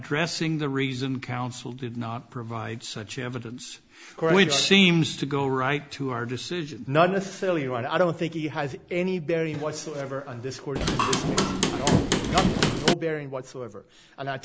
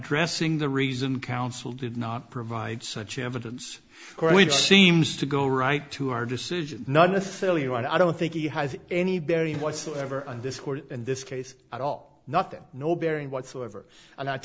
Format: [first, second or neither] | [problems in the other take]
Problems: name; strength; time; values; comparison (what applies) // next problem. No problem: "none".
second | background sound (Hammer / Wood); 3 dB above the speech